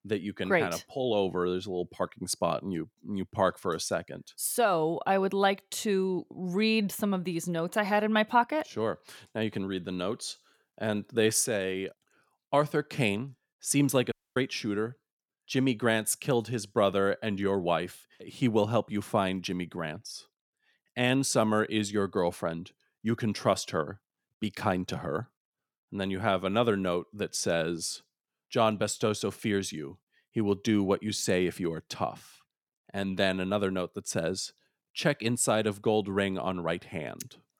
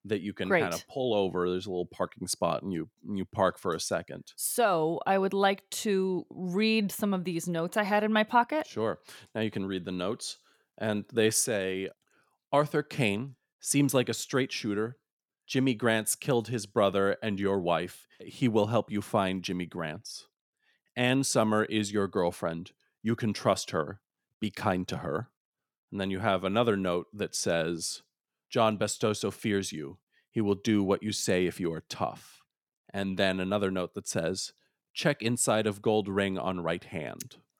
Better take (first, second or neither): second